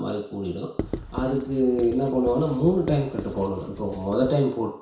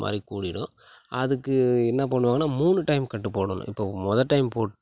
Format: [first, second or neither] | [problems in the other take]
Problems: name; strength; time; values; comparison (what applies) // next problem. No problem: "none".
second | background sound (Writing); 12 dB below the speech // room echo; dies away in 0.6 s